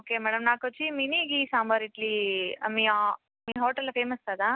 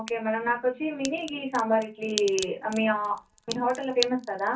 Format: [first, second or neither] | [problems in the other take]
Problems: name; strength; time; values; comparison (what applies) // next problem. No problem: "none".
first | background sound (Crack); 12 dB below the speech // room echo; dies away in 0.3 s